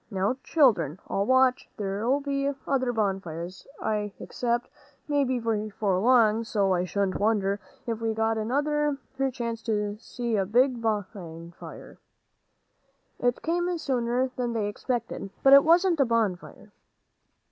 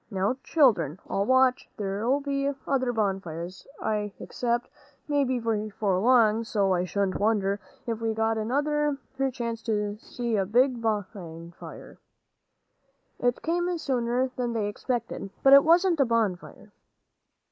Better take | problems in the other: first | noise reduction (neural mask model Resemble Enhance denoiser)

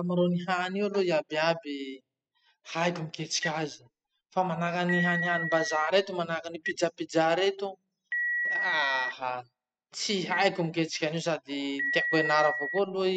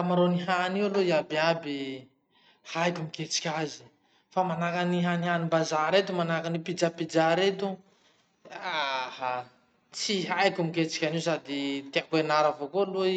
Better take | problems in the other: second | noise reduction (classical method spectral subtraction)

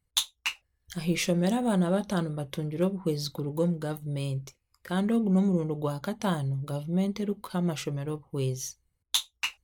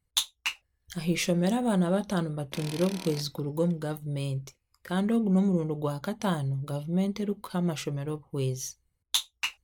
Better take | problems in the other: first | background sound (Tools); 15 dB below the speech

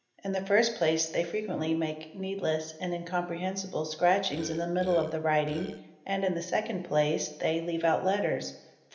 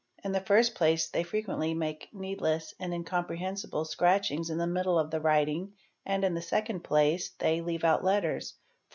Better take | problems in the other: second | background sound (Burping, eructation); 12 dB below the speech // room echo; dies away in 0.8 s

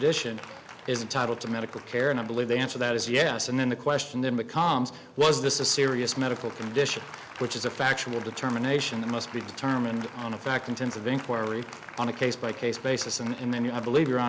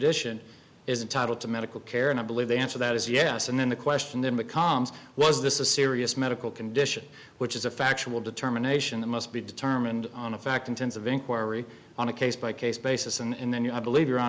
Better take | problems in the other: second | background sound (Applause); 17 dB below the speech

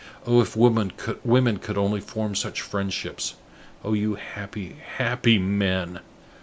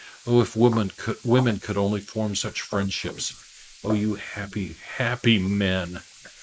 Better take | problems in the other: first | noise reduction (neural mask model Resemble Enhance denoiser)

